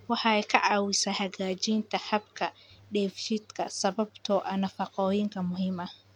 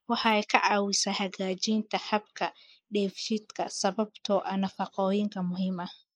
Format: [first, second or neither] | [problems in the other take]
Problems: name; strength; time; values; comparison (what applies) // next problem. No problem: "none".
first | noise reduction (neural mask model Resemble Enhance denoiser)